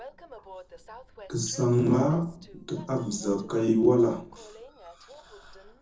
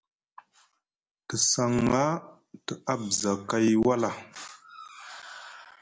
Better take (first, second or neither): second